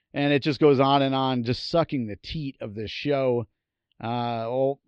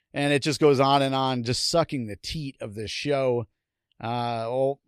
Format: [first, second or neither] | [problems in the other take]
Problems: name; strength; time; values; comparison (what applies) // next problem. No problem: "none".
second | muffled; very slightly; fading above 4 kHz